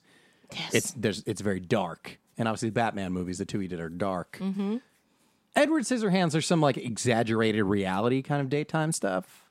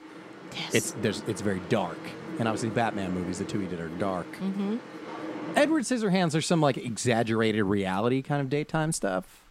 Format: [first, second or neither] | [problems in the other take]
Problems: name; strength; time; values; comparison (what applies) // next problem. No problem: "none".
first | rain or running water; noticeable; throughout; 10 dB below the speech